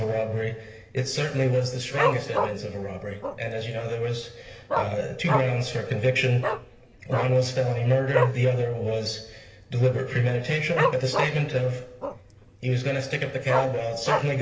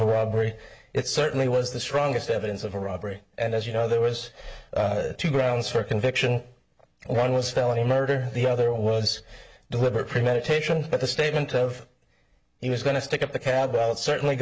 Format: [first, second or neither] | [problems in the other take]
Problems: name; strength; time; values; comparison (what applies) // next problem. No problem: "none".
second | background sound (Dog); 6 dB below the speech // room echo; dies away in 1.4 s